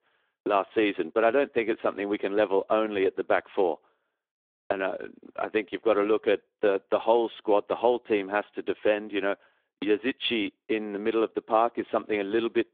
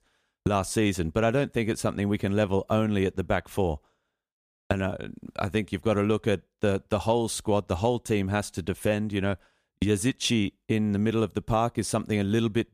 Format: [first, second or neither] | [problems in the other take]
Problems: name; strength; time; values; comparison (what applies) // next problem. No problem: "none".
second | phone-call audio; nothing above 3.5 kHz